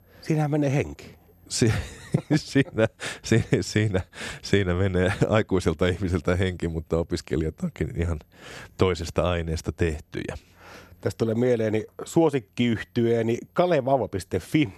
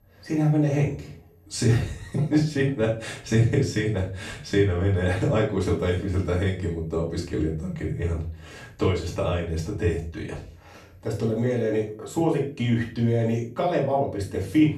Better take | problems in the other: first | off-mic speech; far // room echo; slight; dies away in 0.3 s

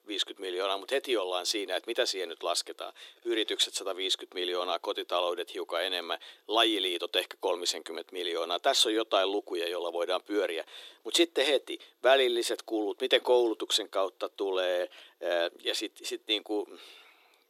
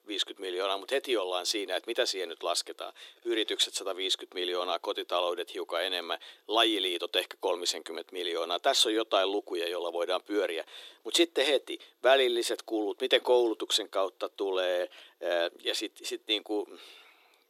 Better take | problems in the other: neither | thin; very; fading below 350 Hz; the same in both

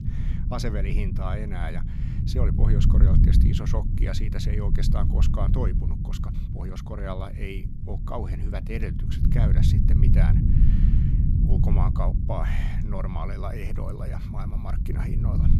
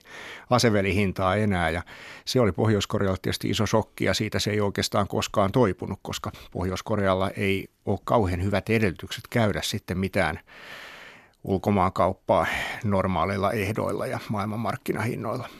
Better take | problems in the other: second | low rumble; loud; throughout; 2 dB below the speech

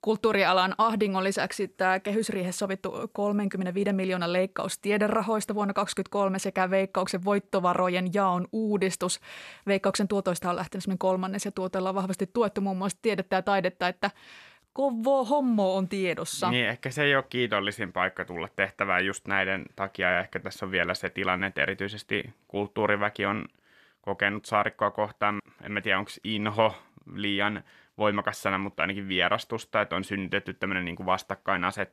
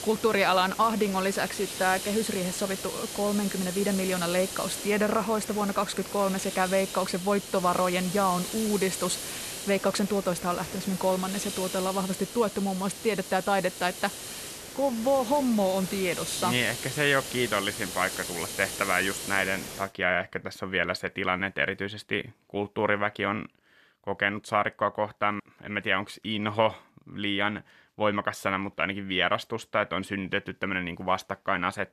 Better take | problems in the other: first | hiss; loud; until 20 s; 8 dB below the speech

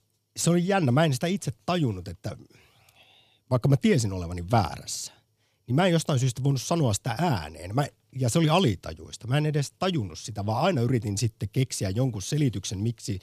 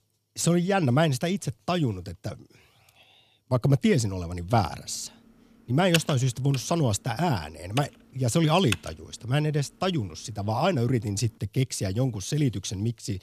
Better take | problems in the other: first | keyboard typing; noticeable; from 6 to 9 s; peak 3 dB below the speech

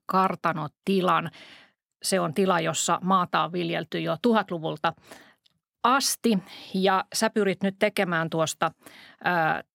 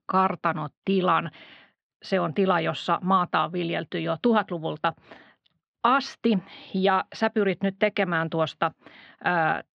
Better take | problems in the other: first | muffled; slightly; fading above 3.5 kHz

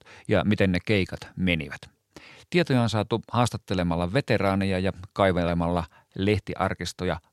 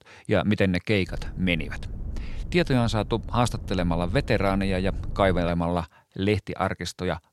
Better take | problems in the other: first | low rumble; faint; from 1 to 5.5 s; 25 dB below the speech

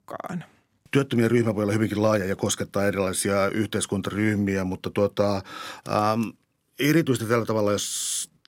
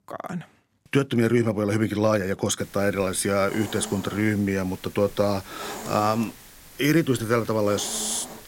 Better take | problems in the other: first | hiss; noticeable; from 2.5 s on; 15 dB below the speech

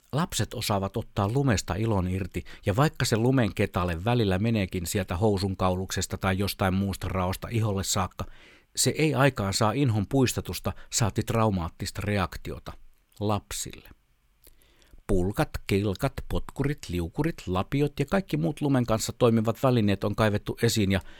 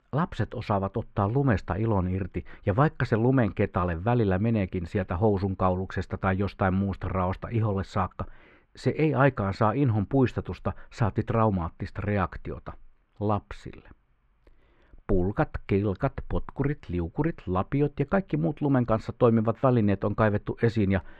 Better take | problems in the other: first | muffled; very; fading above 1.5 kHz

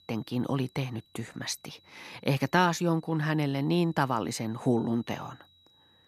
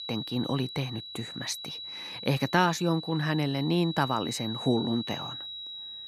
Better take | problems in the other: first | high-pitched whine; loud; throughout; 4 kHz, 8 dB below the speech; faint in the first

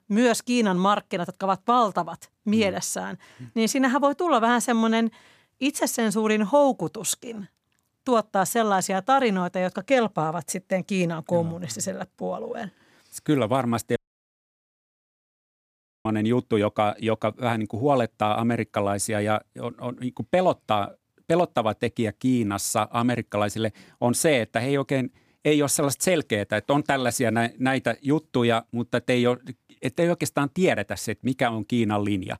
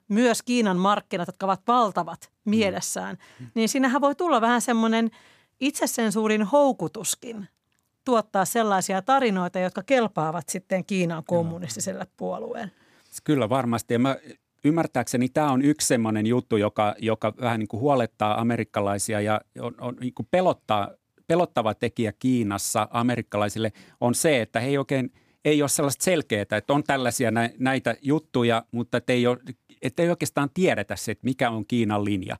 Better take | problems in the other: second | audio cutting out; at 14 s for 2 s

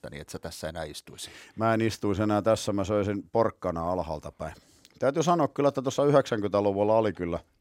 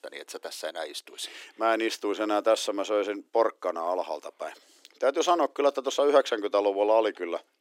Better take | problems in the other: first | thin; somewhat; fading below 300 Hz

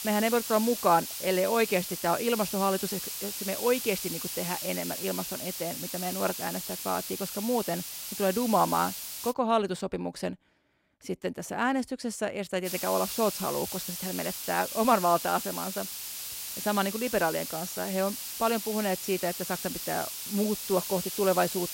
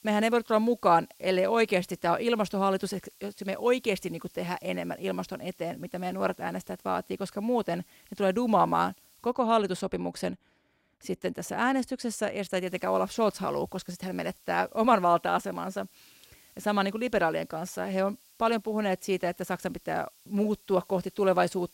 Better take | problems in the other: second | hiss; loud; until 9.5 s and from 13 s on; 5 dB below the speech; faint in the second

